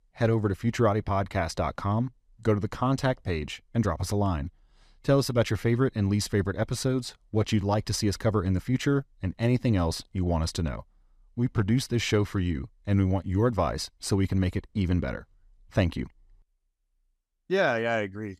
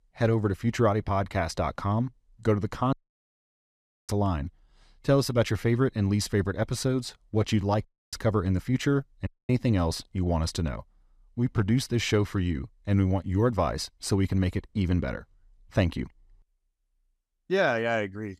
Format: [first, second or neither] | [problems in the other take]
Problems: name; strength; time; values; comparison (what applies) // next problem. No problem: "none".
first | audio cutting out; at 3 s for 1 s, at 8 s and at 9.5 s